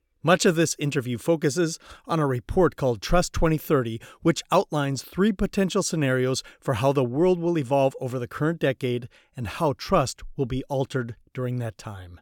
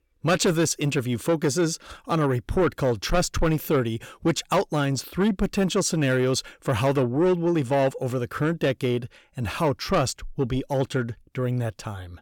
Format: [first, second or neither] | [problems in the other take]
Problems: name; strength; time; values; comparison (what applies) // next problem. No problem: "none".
first | distortion; slight; 10 dB below the speech